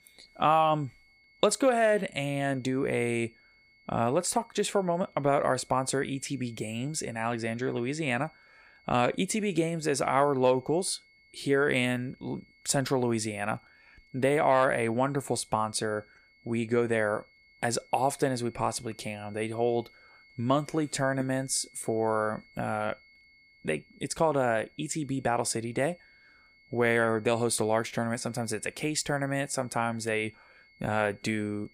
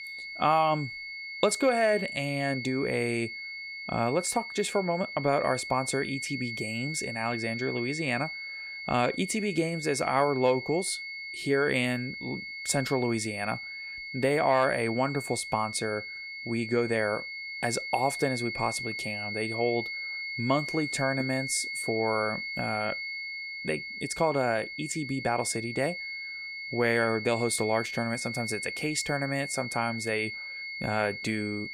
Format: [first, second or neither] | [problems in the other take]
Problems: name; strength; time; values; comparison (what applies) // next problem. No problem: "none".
first | high-pitched whine; loud; throughout; 2 kHz, 6 dB below the speech; faint in the first